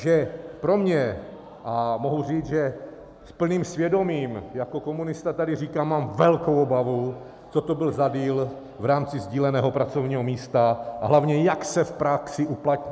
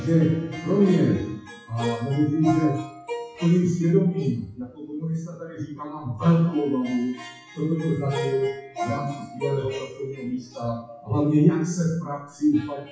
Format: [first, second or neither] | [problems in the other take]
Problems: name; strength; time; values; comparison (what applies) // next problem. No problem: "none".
first | noise reduction (classical method WPE with log-MMSE)